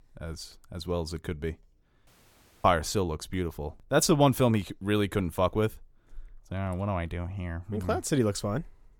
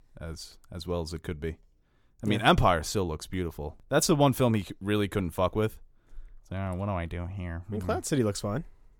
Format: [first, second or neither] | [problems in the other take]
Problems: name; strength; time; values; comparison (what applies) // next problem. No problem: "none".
second | audio cutting out; at 2 s for 0.5 s